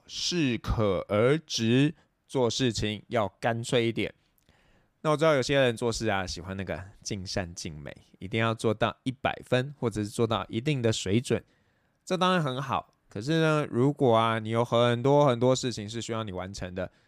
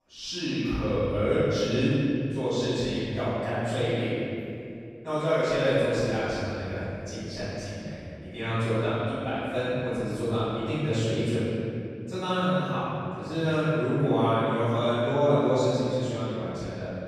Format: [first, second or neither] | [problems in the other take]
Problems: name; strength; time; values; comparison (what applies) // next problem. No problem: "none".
first | off-mic speech; far // room echo; strong; dies away in 2.5 s